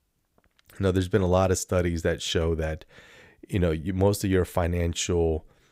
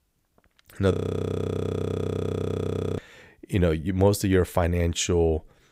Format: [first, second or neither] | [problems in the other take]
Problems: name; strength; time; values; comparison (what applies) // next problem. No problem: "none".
first | audio freezing; at 1 s for 2 s